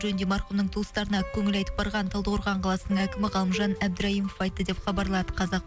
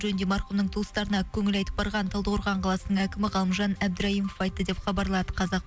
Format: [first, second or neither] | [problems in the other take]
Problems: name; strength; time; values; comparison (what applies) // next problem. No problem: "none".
second | background sound (Plucked string instrument); 16 dB below the speech